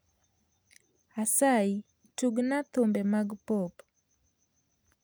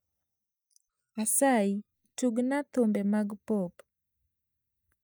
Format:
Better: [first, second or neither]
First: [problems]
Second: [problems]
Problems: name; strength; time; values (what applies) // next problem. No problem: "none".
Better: first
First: none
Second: noise reduction (neural mask model DeepFilterNet 3)